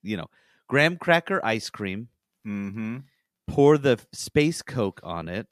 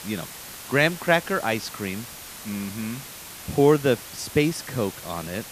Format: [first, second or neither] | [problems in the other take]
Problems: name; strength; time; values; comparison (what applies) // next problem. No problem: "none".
first | hiss; noticeable; throughout; 15 dB below the speech